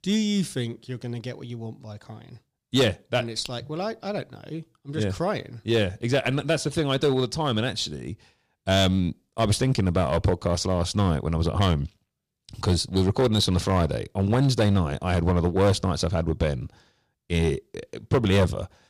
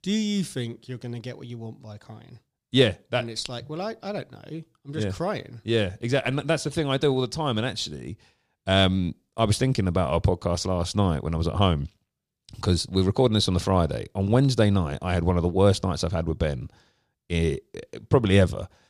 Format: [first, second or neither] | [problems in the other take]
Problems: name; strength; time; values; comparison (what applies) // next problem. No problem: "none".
second | distortion; slight; 4% of the sound clipped